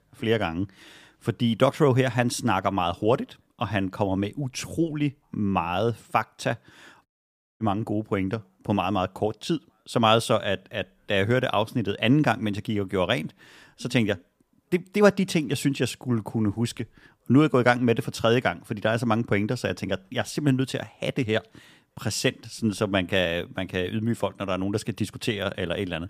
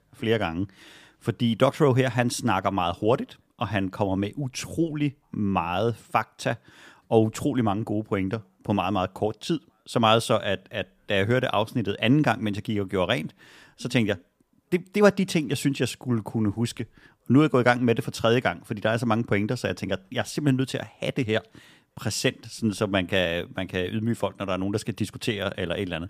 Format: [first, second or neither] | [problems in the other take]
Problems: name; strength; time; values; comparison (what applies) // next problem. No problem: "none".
second | audio cutting out; at 7 s for 0.5 s